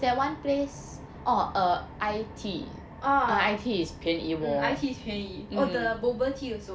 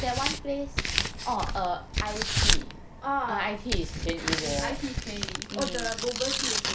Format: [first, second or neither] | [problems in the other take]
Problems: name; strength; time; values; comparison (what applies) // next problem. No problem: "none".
first | background sound (Tearing); 2 dB above the speech